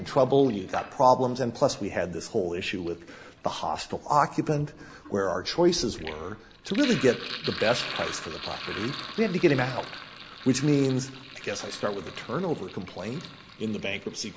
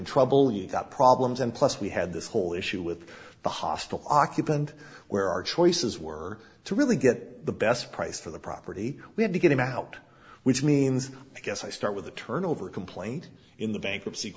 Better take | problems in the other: second | background sound (Sink (filling or washing)); 14 dB below the speech

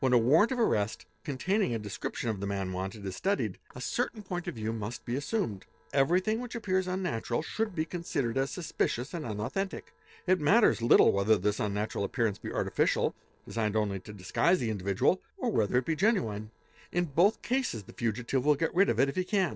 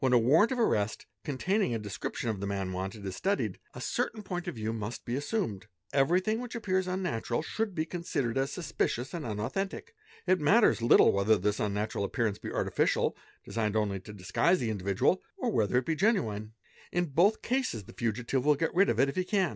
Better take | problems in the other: second | noise reduction (neural separator model SepFormer DNS4)

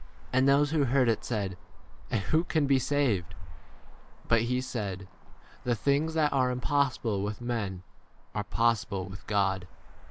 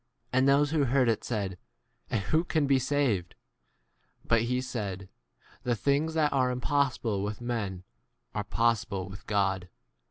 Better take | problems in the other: second | background sound (Traffic noise, roadway noise); 11 dB below the speech

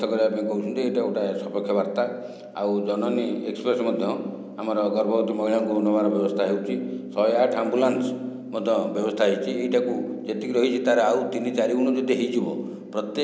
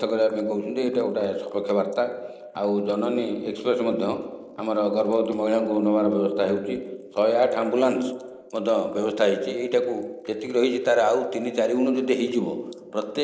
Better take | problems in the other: first | noise reduction (neural mask model Resemble Enhance denoiser)

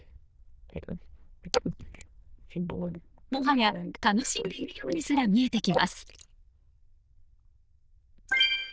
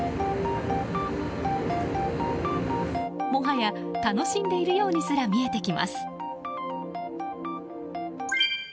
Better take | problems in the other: second | noise reduction (neural diffusion model UNIVERSE++)

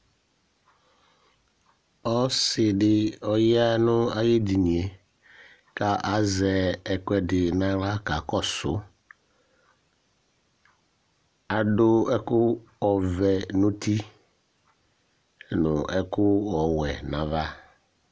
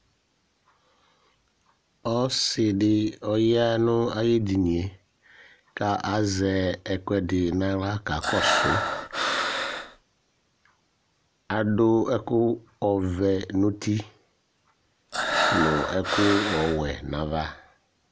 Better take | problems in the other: first | background sound (Breathing); as loud as the speech

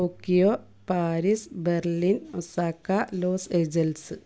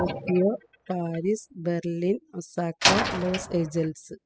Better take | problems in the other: first | noise reduction (classical method spectral subtraction)

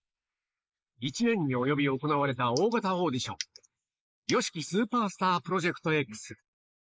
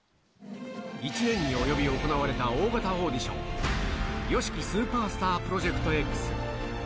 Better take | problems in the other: second | noise reduction (neural mask model Resemble Enhance denoiser)

